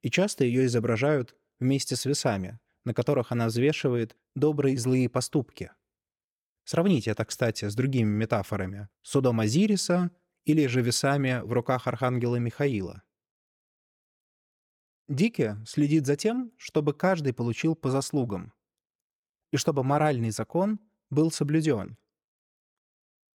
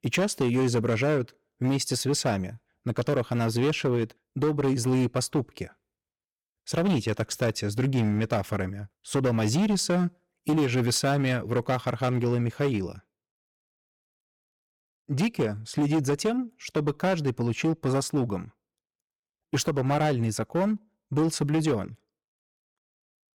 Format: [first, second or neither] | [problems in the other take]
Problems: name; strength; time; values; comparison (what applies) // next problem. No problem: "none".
first | distortion; slight; 9% of the sound clipped